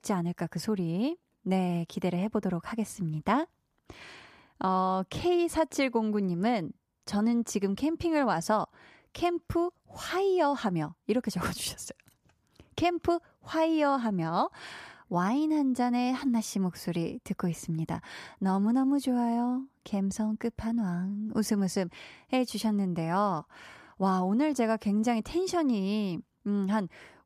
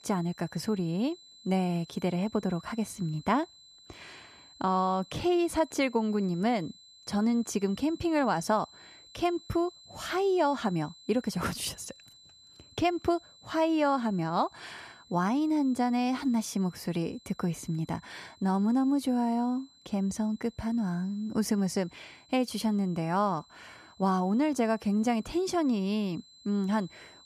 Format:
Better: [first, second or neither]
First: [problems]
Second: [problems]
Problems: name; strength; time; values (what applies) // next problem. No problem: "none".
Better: first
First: none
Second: high-pitched whine; faint; throughout; 4 kHz, 25 dB below the speech